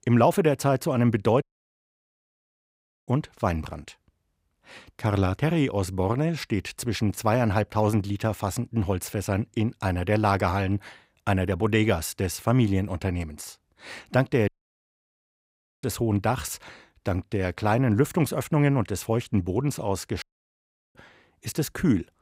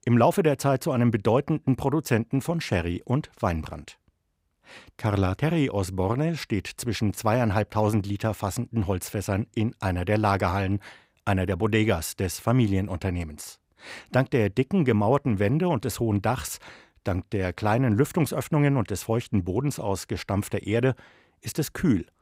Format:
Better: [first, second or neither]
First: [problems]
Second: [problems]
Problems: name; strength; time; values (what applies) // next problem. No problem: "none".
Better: second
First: audio cutting out; at 1.5 s for 1.5 s, at 14 s for 1.5 s and at 20 s for 0.5 s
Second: none